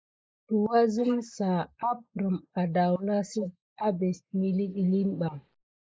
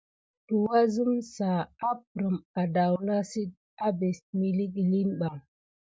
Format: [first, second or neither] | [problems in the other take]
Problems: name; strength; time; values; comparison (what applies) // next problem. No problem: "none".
second | noise reduction (neural mask model Resemble Enhance denoiser)